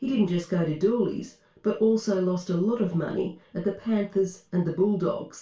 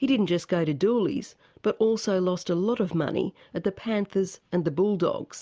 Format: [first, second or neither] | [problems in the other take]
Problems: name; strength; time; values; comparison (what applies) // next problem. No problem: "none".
second | room echo; dies away in 0.2 s